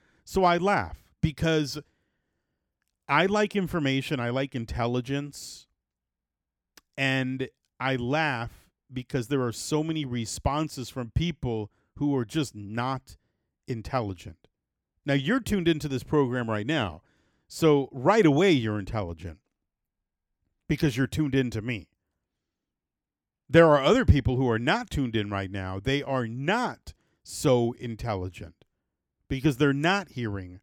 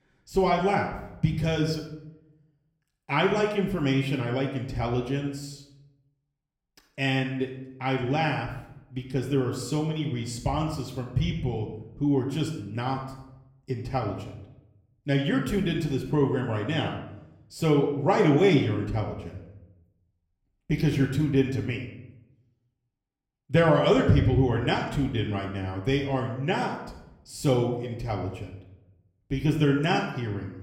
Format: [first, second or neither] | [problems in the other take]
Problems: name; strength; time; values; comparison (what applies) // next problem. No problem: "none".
first | off-mic speech; far // room echo; slight; dies away in 0.7 s